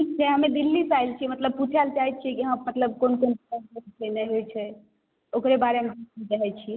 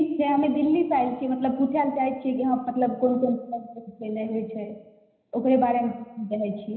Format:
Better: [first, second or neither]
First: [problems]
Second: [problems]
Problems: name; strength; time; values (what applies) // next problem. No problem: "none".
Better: first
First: none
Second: room echo; dies away in 0.9 s